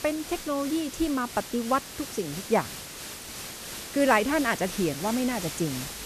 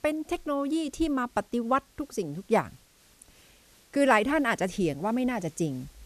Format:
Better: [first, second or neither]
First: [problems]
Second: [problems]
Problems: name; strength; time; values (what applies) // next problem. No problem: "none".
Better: second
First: hiss; loud; throughout; 9 dB below the speech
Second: hiss; faint; throughout; 30 dB below the speech